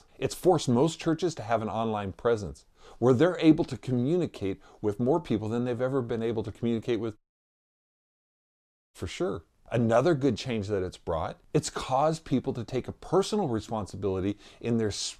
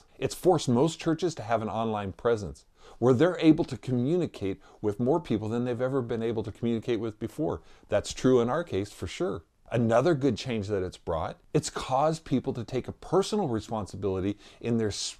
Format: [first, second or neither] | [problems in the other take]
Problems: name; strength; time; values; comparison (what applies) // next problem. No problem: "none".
second | audio cutting out; at 7 s for 2 s